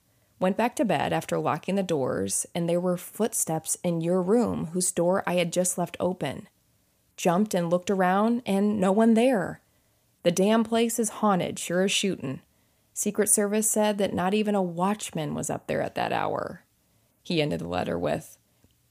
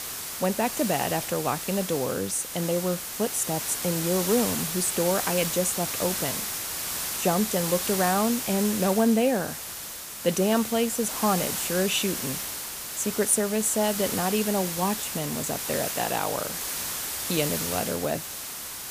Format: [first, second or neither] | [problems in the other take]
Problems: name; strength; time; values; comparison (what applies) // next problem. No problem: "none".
first | hiss; loud; throughout; 3 dB below the speech